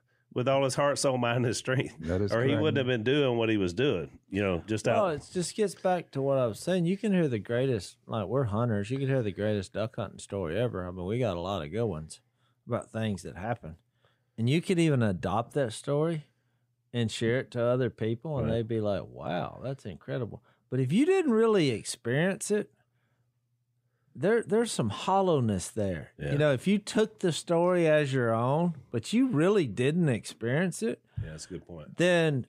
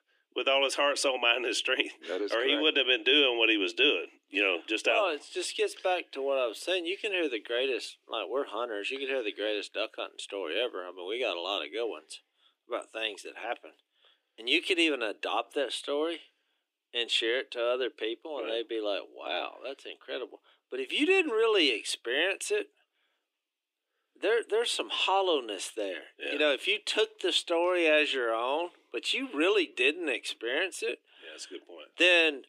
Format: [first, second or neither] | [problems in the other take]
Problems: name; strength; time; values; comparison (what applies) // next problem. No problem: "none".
first | thin; somewhat; fading below 300 Hz